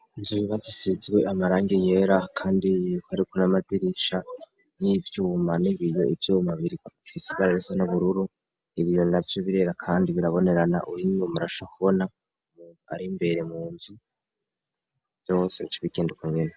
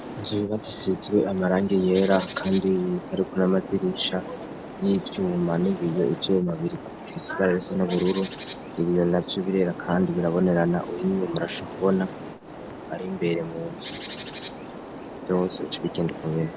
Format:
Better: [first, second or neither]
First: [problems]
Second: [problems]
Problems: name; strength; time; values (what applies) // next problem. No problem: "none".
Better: first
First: none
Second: background sound (Bird); 12 dB below the speech